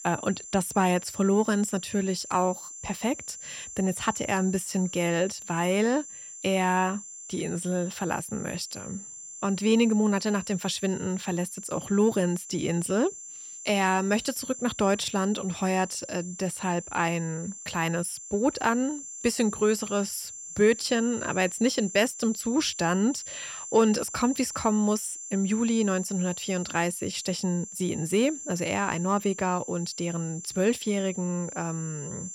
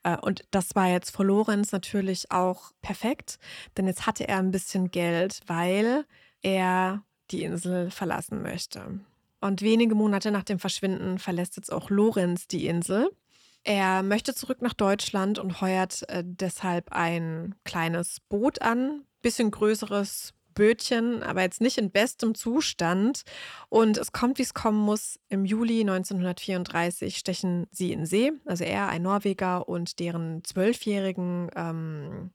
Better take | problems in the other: second | high-pitched whine; noticeable; throughout; 7.5 kHz, 10 dB below the speech

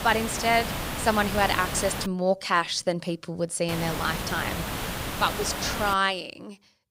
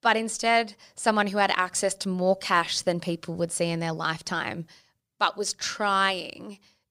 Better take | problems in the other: second | hiss; loud; until 2 s and from 3.5 to 6 s; 5 dB below the speech

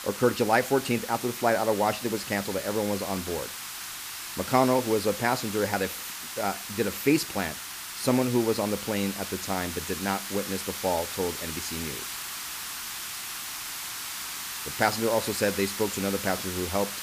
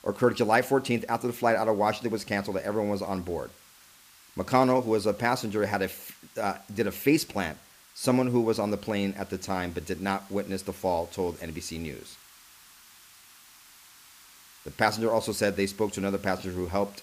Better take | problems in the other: second | hiss; loud; throughout; 6 dB below the speech; faint in the second

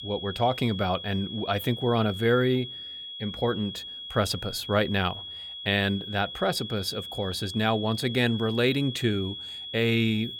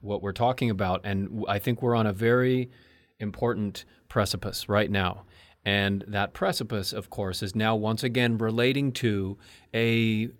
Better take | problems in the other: second | high-pitched whine; loud; throughout; 3.5 kHz, 9 dB below the speech

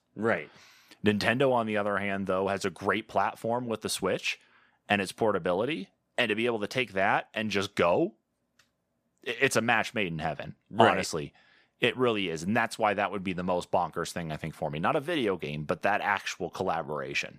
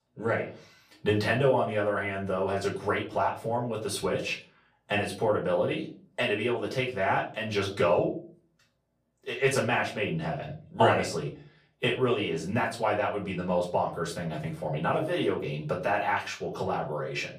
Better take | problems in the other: first | off-mic speech; far // room echo; slight; dies away in 0.4 s

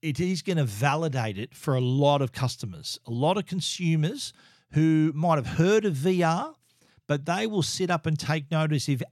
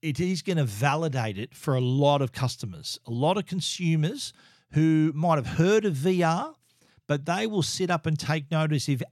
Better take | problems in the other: neither | none

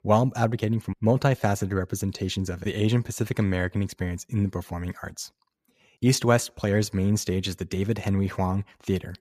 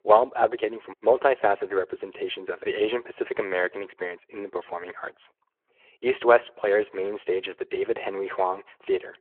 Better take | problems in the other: first | phone-call audio

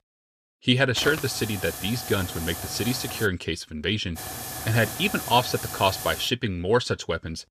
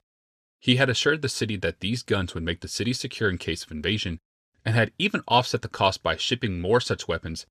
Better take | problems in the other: second | hiss; loud; from 1 to 3.5 s and from 4 to 6.5 s; 8 dB below the speech

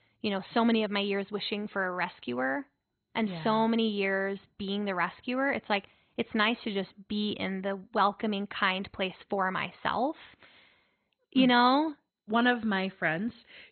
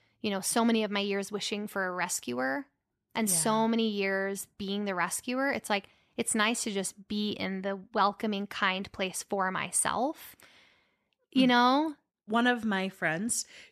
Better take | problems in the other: second | garbled, watery; badly; nothing above 4 kHz

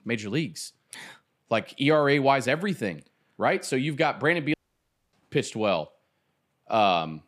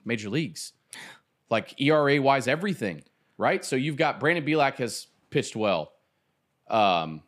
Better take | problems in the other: second | audio cutting out; at 4.5 s for 0.5 s

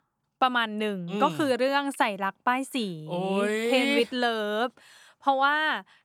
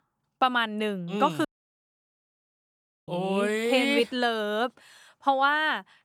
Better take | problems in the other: first | audio cutting out; at 1.5 s for 1.5 s

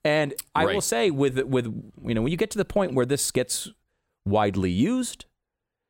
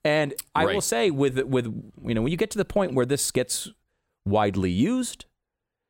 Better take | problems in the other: neither | none

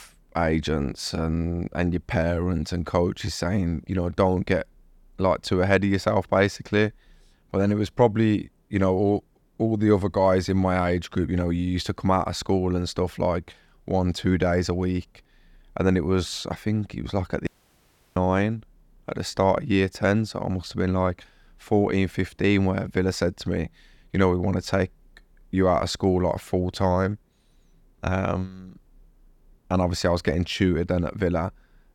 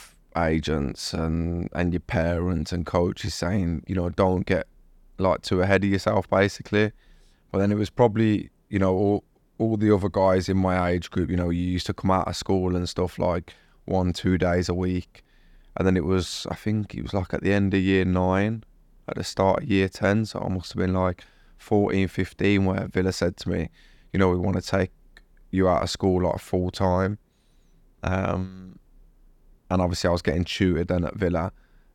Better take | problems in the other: second | audio cutting out; at 17 s for 0.5 s

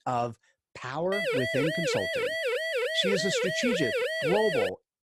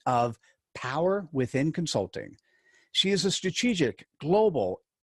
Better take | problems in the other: second | siren; loud; from 1 to 4.5 s; peak 3 dB above the speech

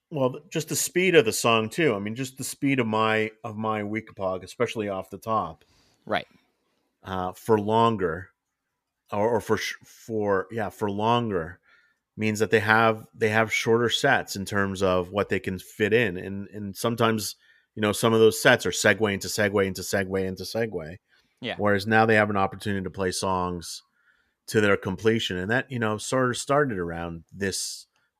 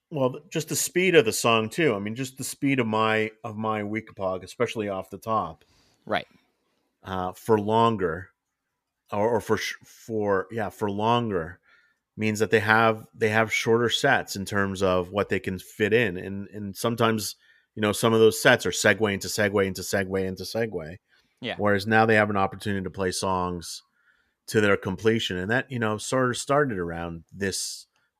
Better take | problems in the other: neither | none

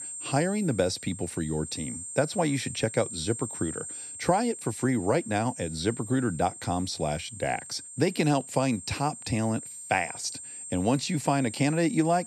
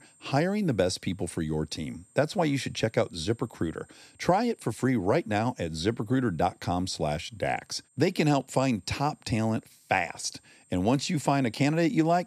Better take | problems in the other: second | high-pitched whine; loud; throughout; 8.5 kHz, 10 dB below the speech; faint in the second

